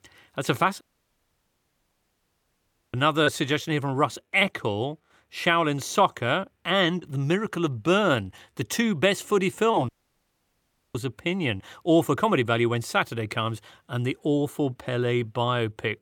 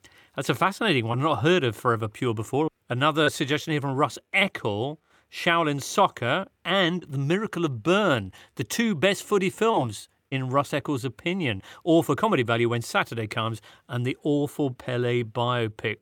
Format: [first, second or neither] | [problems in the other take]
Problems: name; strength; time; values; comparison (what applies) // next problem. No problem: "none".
second | audio cutting out; at 1 s for 2 s and at 10 s for 1 s